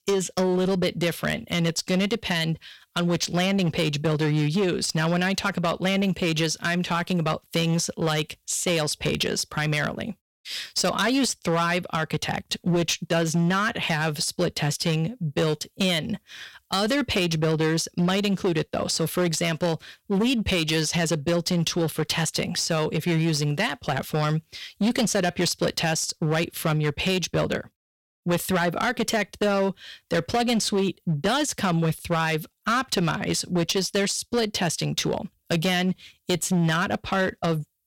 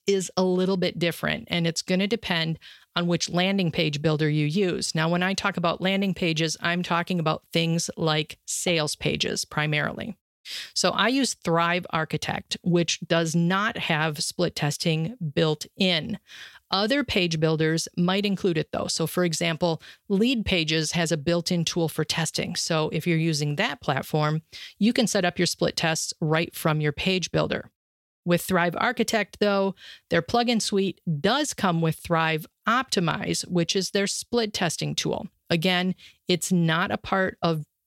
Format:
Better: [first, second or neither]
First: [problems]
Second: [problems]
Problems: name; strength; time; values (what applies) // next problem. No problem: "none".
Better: second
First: distortion; slight; 11% of the sound clipped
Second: none